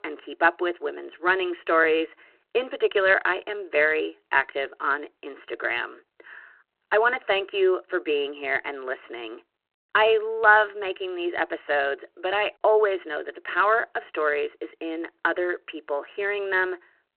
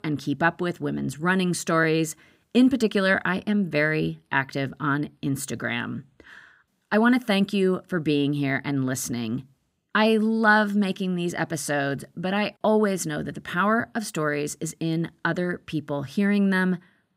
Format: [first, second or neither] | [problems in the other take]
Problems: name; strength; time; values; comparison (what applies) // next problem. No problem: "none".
second | phone-call audio; nothing above 4 kHz